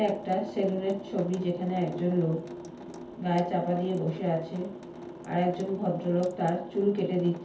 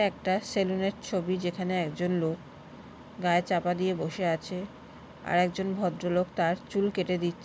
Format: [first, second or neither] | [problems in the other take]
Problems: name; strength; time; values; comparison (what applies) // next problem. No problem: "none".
second | background sound (Drip / Sink (filling or washing) / Water tap, faucet); 15 dB below the speech // room echo; dies away in 0.5 s